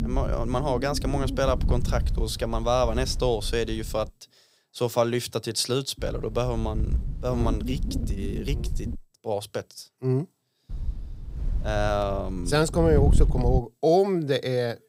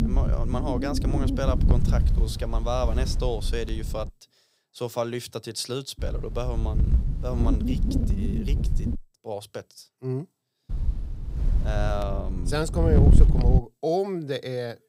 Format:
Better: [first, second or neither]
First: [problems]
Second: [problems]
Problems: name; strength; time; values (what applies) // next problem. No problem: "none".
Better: first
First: wind noise on the microphone; occasional gusts; until 4 s, from 6 to 9 s and from 11 to 14 s; 15 dB below the speech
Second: wind noise on the microphone; heavy; until 4 s, from 6 to 9 s and from 11 to 14 s; 6 dB below the speech